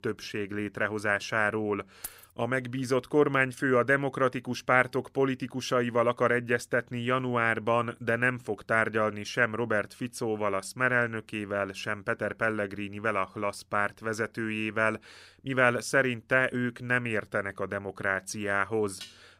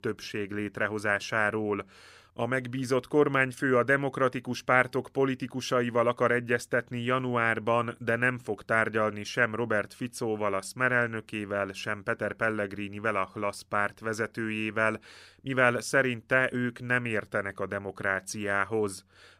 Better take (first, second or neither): second